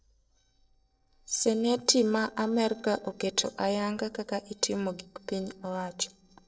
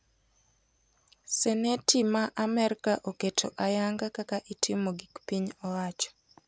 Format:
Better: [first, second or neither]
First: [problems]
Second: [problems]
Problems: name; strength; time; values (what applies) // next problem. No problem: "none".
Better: second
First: noise reduction (neural separator model SepFormer DNS4)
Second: none